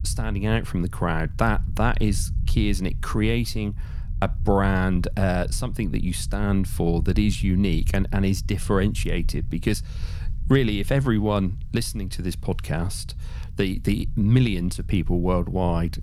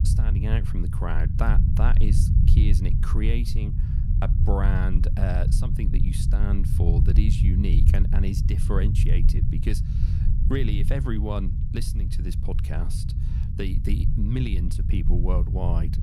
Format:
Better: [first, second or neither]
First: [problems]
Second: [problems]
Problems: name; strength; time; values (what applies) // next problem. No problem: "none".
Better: first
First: low rumble; faint; throughout; 20 dB below the speech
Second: low rumble; loud; throughout; 4 dB below the speech